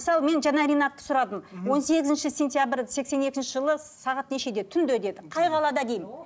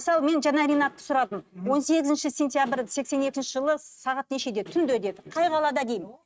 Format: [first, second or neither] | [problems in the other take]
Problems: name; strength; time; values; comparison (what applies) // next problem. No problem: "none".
first | noise reduction (neural mask model RNNoise)